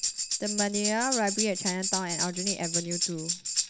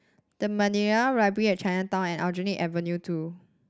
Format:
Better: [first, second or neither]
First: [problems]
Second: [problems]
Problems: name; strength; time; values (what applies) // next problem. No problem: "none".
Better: second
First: background sound (Tambourine); 1 dB above the speech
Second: none